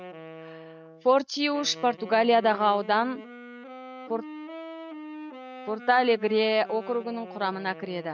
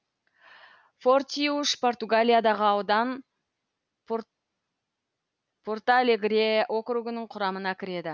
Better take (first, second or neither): second